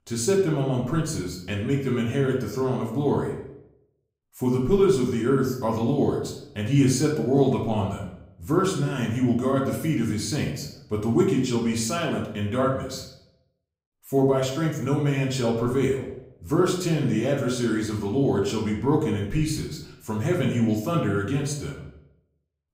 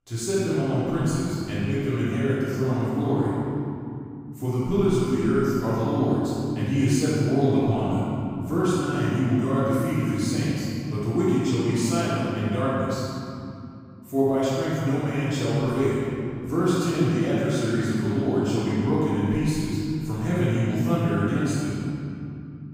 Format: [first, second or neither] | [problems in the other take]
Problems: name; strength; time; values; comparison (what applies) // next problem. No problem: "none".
first | room echo; strong; dies away in 2.7 s; slight in the first // off-mic speech; far; far in the first